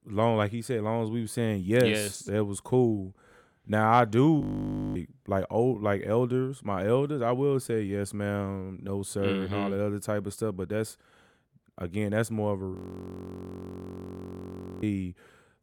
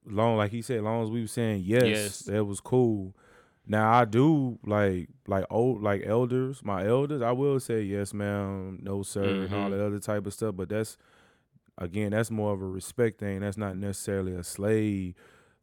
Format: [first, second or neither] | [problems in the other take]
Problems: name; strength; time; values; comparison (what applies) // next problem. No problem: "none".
second | audio freezing; at 4.5 s for 0.5 s and at 13 s for 2 s